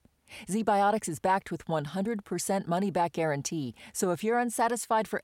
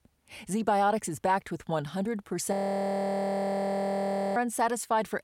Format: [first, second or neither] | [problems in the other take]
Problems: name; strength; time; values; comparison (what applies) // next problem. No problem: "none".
first | audio freezing; at 2.5 s for 2 s